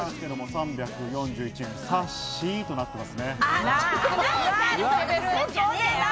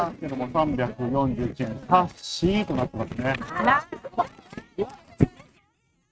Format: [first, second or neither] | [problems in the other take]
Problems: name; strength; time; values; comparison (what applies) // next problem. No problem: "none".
first | noise reduction (neural mask model RNNoise)